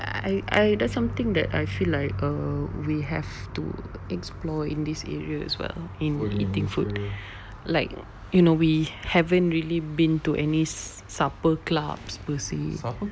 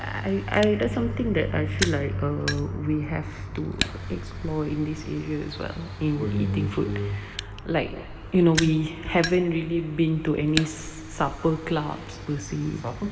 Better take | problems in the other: first | background sound (Fire); 12 dB below the speech // room echo; dies away in 2.5 s

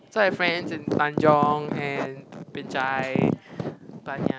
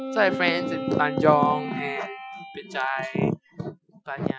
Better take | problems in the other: first | noise reduction (classical method Wiener filter)

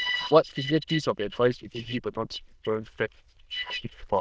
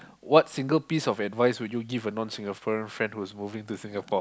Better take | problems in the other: second | noise reduction (neural diffusion model UNIVERSE++)

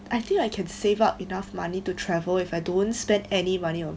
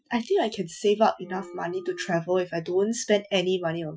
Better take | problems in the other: first | noise reduction (classical method Wiener filter)

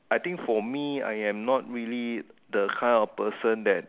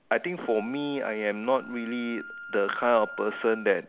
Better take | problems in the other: first | background sound (Wind instrument, woodwind instrument); 16 dB below the speech

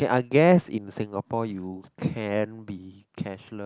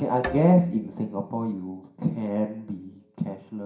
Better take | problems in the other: first | background sound (Bowed string instrument); 15 dB below the speech // room echo; dies away in 0.5 s

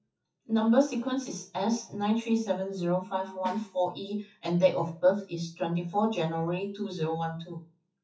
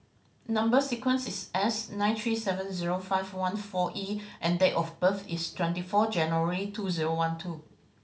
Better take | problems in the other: second | noise reduction (classical method WPE with log-MMSE)

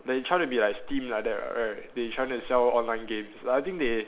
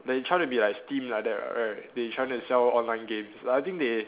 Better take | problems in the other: second | background sound (Cricket / Frog); 12 dB below the speech

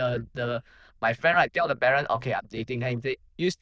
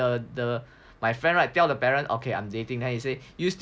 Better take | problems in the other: second | noise reduction (neural diffusion model UNIVERSE++)

